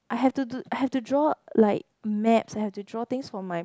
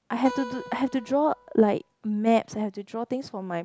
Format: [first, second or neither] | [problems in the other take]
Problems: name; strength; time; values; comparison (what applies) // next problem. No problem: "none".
first | background sound (Acoustic guitar); 15 dB below the speech